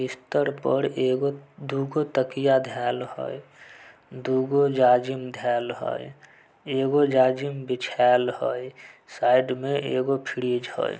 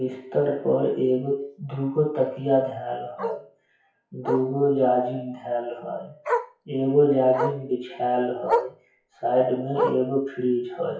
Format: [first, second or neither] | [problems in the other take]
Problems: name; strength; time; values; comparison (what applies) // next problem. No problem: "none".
first | noise reduction (classical method WPE with log-MMSE)